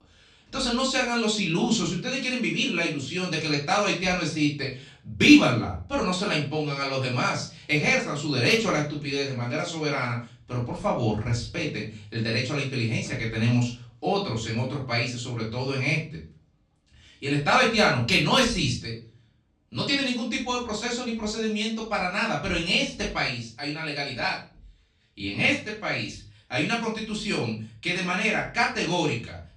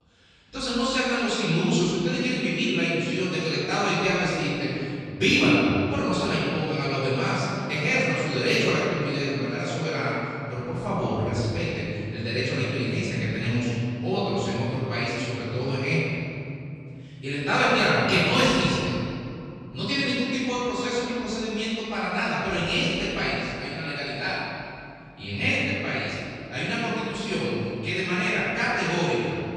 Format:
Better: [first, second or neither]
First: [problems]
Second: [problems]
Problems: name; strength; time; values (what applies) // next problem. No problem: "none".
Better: first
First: room echo; slight; dies away in 0.3 s // off-mic speech; far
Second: room echo; strong; dies away in 2.7 s // off-mic speech; far